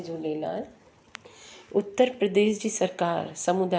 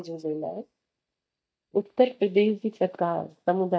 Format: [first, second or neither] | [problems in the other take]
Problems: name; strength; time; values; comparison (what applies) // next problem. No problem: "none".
first | noise reduction (neural mask model DeepFilterNet 3)